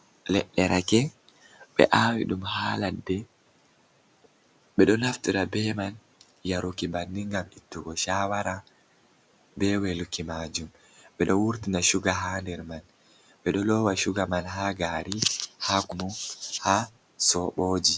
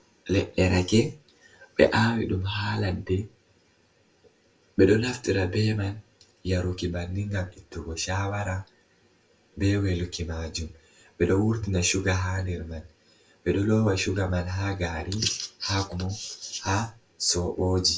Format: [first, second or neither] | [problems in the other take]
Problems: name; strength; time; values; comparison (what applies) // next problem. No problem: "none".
first | room echo; dies away in 0.2 s